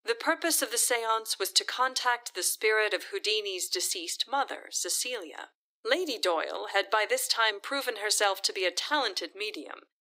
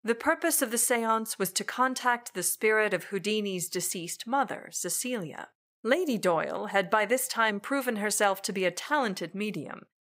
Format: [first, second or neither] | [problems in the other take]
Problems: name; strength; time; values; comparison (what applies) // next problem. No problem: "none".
second | thin; somewhat; fading below 300 Hz